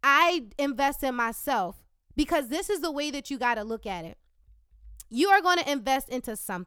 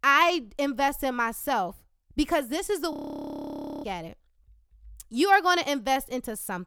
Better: first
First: none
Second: audio freezing; at 3 s for 1 s

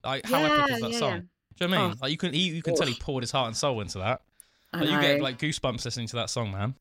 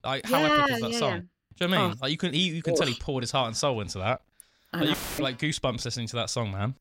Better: first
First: none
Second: audio cutting out; filled with static; at 5 s

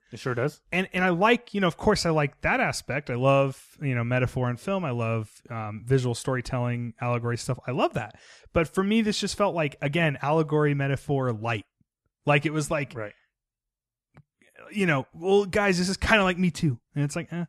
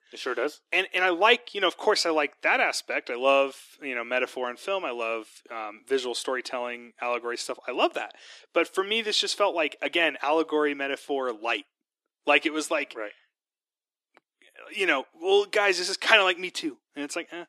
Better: first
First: none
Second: thin; very; fading below 300 Hz

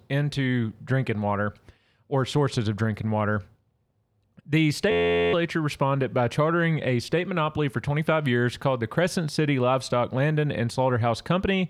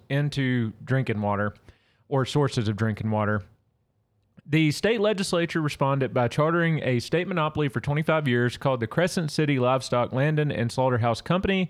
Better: second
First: audio freezing; at 5 s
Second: none

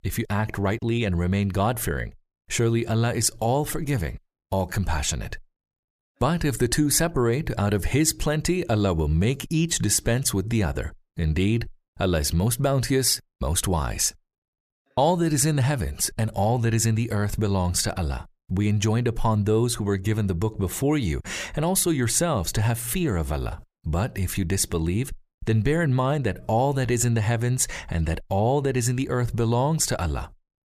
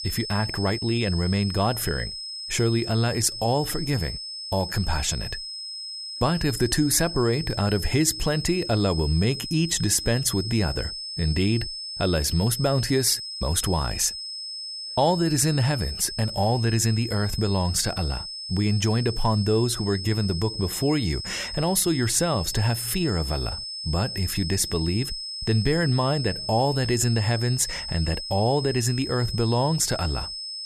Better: first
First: none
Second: high-pitched whine; loud; throughout; 5 kHz, 7 dB below the speech

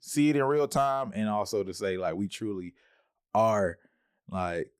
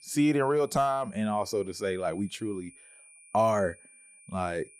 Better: first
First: none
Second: high-pitched whine; faint; throughout; 9.5 kHz, 25 dB below the speech

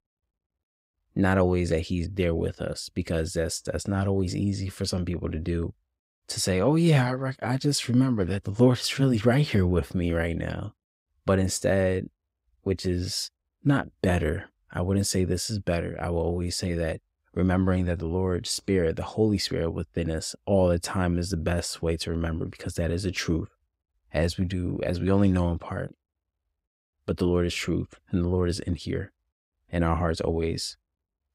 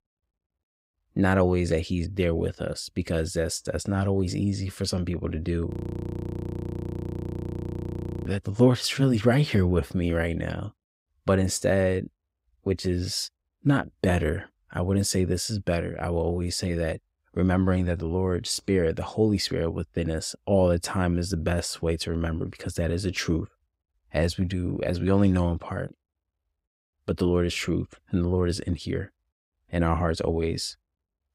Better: first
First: none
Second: audio freezing; at 5.5 s for 2.5 s

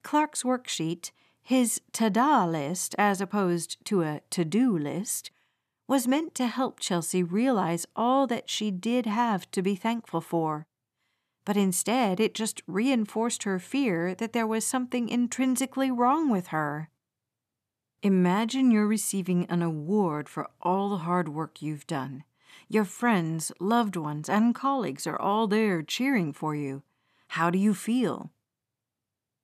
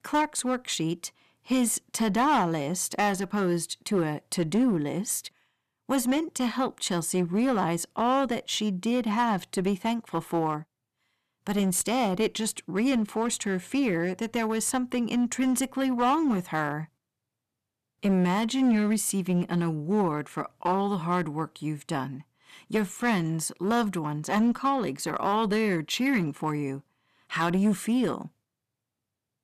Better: first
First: none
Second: distortion; slight; 7% of the sound clipped

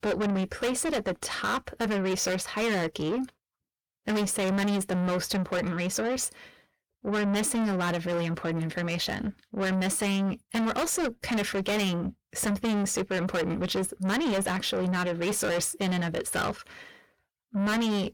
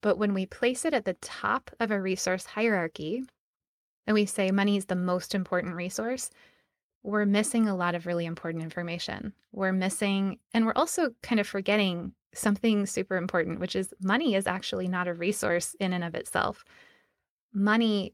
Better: second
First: distortion; heavy; 6 dB below the speech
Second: none

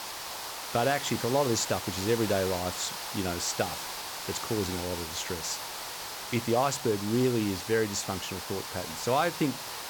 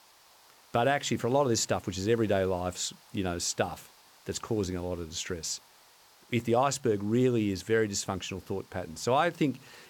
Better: second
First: hiss; loud; throughout; 5 dB below the speech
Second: hiss; faint; throughout; 25 dB below the speech

